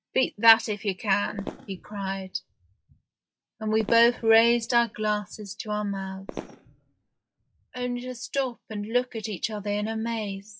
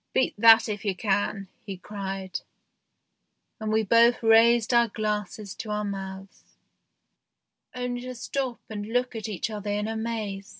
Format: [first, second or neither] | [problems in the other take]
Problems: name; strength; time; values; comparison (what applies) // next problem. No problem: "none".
second | noise reduction (classical method log-MMSE)